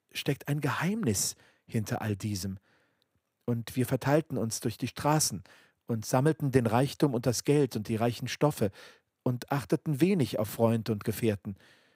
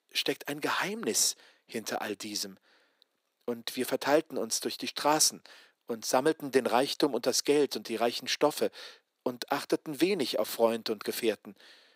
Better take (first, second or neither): first